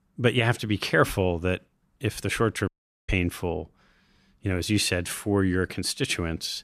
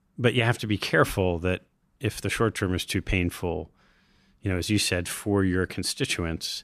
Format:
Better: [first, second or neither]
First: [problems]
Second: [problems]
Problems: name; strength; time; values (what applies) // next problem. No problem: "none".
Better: second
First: audio cutting out; at 2.5 s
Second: none